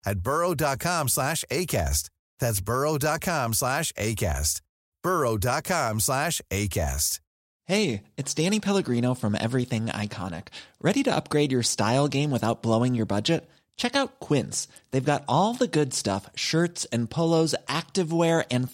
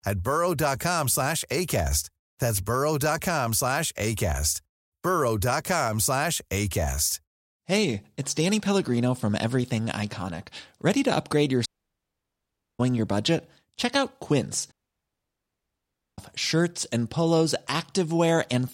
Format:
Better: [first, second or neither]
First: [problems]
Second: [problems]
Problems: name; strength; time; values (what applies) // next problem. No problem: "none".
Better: first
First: none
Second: audio cutting out; at 12 s for 1 s and at 15 s for 1.5 s